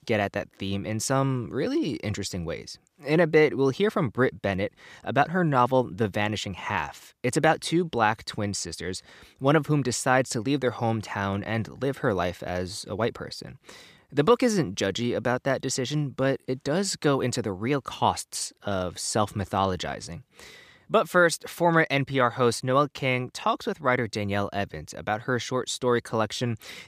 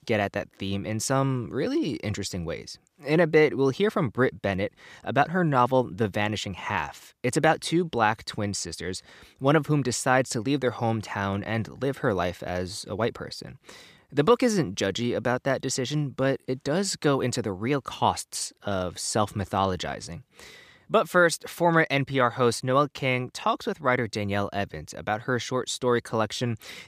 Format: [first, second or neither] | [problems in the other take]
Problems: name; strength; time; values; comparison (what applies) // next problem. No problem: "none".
neither | none